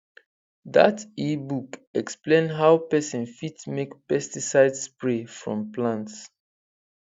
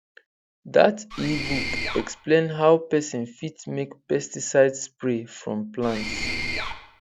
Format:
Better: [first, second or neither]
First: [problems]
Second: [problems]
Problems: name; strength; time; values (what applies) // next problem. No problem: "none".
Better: first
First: none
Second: background sound (Mechanisms); 5 dB below the speech